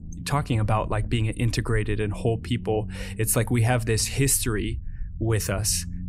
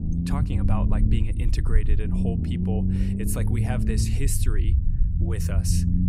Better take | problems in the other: first | low rumble; loud; throughout; 1 dB below the speech; faint in the first

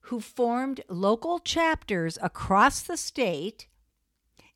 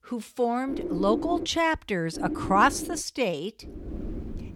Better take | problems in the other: first | wind noise on the microphone; occasional gusts; at 0.5 s, at 2 s and at 3.5 s; 10 dB below the speech

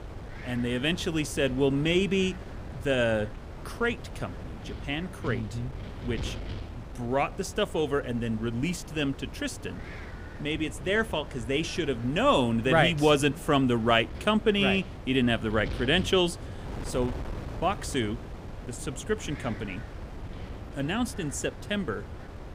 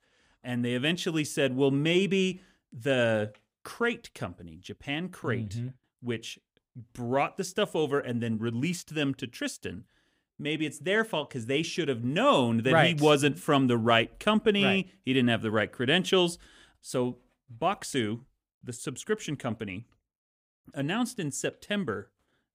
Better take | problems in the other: second | wind noise on the microphone; occasional gusts; 15 dB below the speech

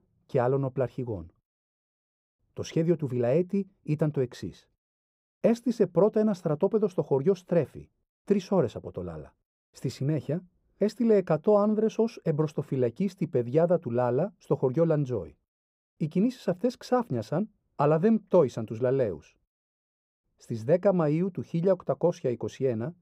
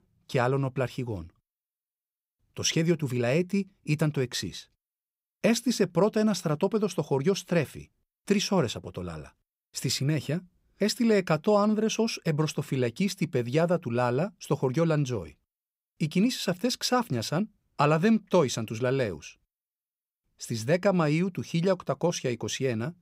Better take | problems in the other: second | muffled; very; fading above 1.5 kHz

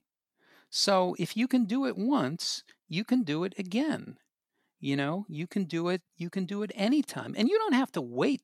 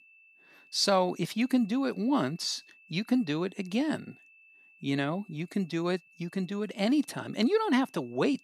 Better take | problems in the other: first | high-pitched whine; faint; throughout; 2.5 kHz, 25 dB below the speech

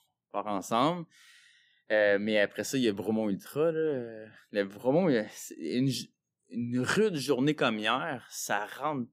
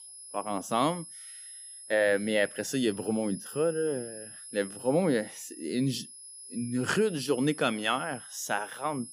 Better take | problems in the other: first | high-pitched whine; noticeable; throughout; 10.5 kHz, 15 dB below the speech

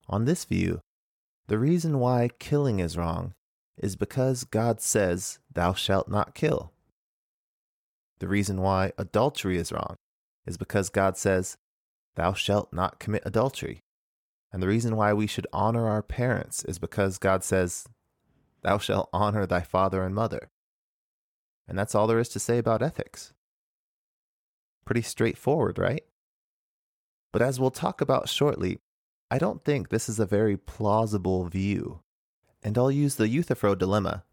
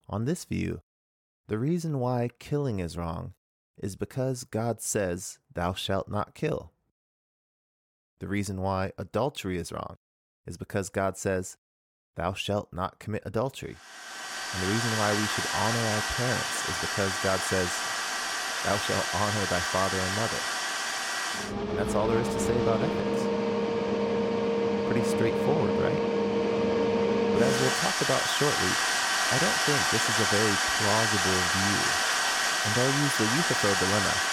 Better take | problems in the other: first | machinery noise; very loud; from 14 s on; 4 dB above the speech

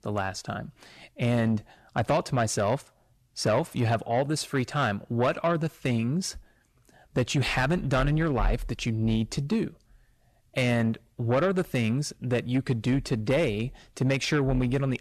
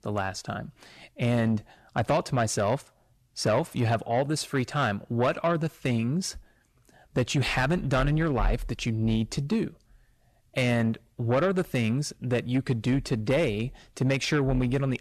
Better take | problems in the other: neither | distortion; slight; 10 dB below the speech; the same in both

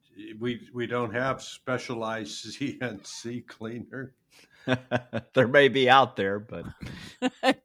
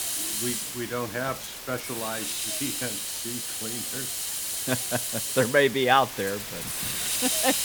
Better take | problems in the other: first | hiss; loud; throughout; 1 dB below the speech

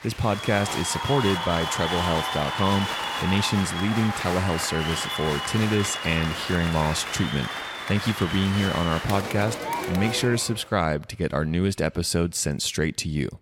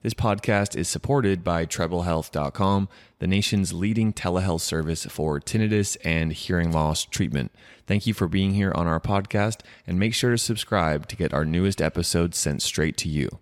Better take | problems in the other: second | crowd noise; loud; until 10 s; 4 dB below the speech

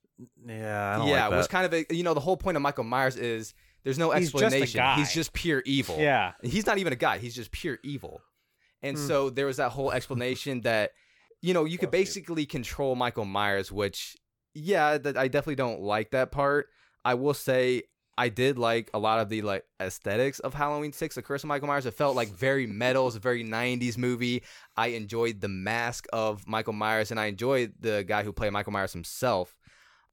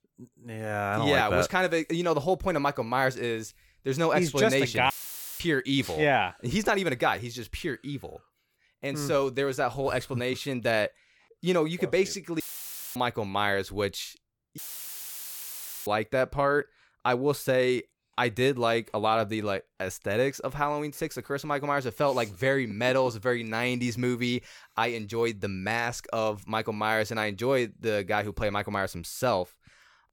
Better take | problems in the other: first | audio cutting out; filled with static; at 5 s for 0.5 s, at 12 s for 0.5 s and at 15 s for 1.5 s

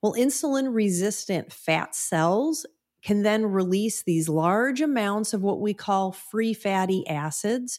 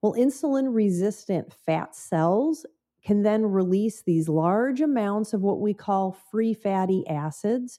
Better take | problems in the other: first | muffled; slightly; fading above 1.5 kHz

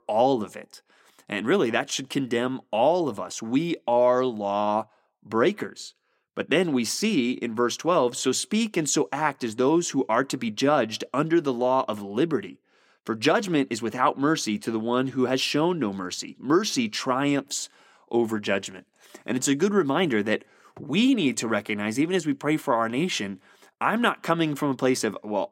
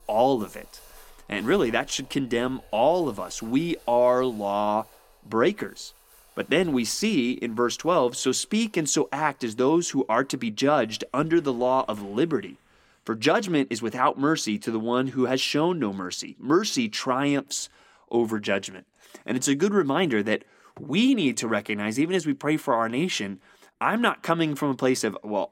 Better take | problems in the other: first | household noises; faint; throughout; 30 dB below the speech

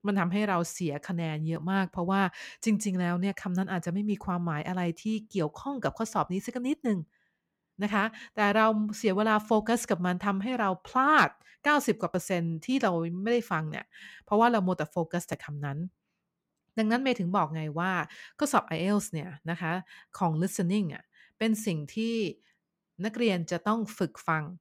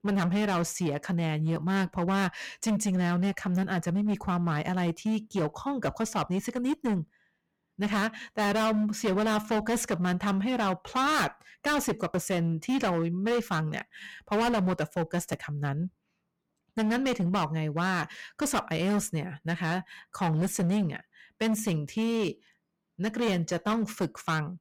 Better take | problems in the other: first | distortion; heavy; 15% of the sound clipped

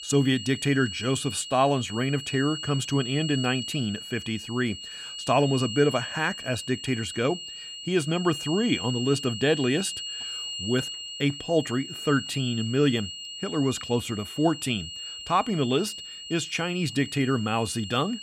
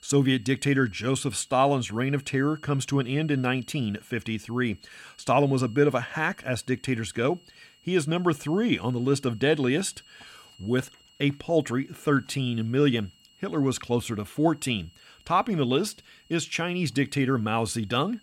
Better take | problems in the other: second | high-pitched whine; loud; throughout; 3 kHz, 8 dB below the speech; faint in the second

